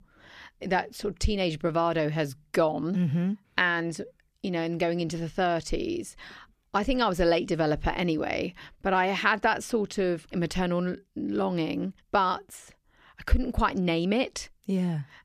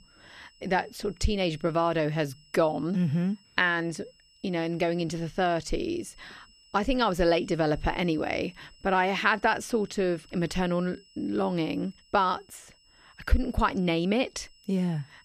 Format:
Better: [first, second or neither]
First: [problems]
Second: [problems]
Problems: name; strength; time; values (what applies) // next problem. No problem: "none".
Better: first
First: none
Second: high-pitched whine; faint; throughout; 5.5 kHz, 30 dB below the speech